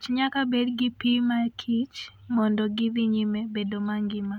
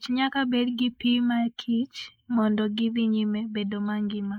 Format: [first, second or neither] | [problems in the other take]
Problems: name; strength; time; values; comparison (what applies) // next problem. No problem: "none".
first | noise reduction (neural mask model Resemble Enhance denoiser)